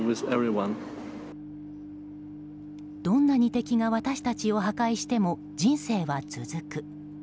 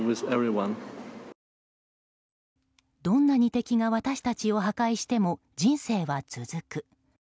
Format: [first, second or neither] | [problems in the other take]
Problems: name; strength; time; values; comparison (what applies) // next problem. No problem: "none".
second | background sound (Microwave oven); 13 dB below the speech